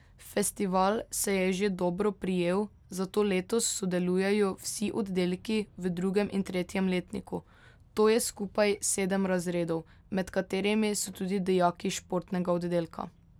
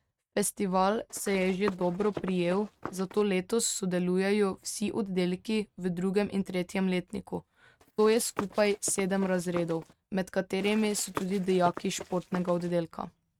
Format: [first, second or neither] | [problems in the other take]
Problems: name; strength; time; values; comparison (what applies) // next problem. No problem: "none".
first | noise reduction (neural mask model RNNoise)